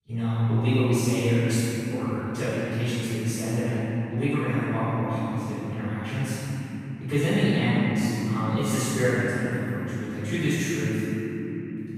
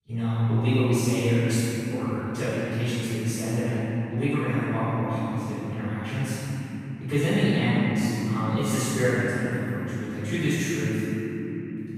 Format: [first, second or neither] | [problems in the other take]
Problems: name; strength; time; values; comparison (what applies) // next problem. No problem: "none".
neither | off-mic speech; far; the same in both // room echo; strong; dies away in 3 s; the same in both